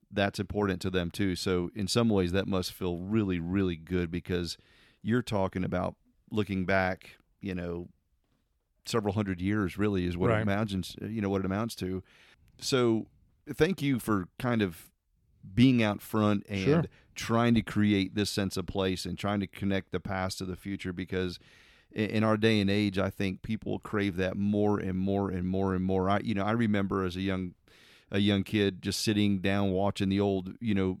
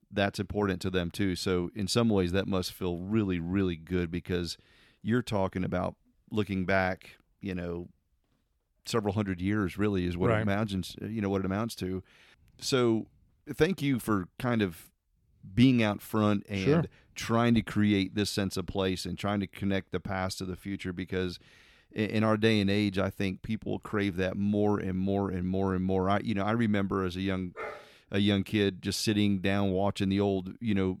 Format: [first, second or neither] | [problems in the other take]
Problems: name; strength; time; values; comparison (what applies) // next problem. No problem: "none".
first | dog barking; faint; at 28 s; peak 10 dB below the speech